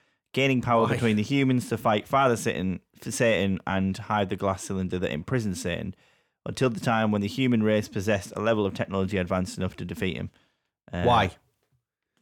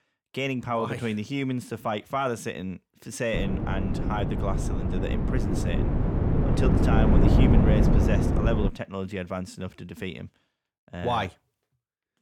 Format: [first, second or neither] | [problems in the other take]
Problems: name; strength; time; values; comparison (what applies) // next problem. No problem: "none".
first | wind noise on the microphone; heavy; from 3.5 to 8.5 s; as loud as the speech